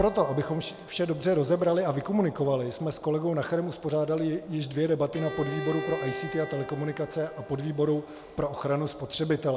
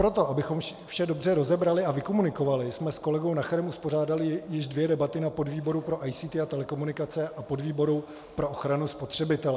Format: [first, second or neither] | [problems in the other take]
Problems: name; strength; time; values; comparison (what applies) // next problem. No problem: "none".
second | background sound (Bowed string instrument); 14 dB below the speech